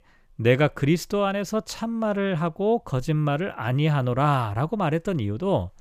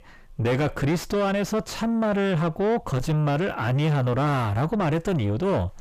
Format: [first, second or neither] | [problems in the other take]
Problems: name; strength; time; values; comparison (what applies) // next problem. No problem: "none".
first | distortion; heavy; 5 dB below the speech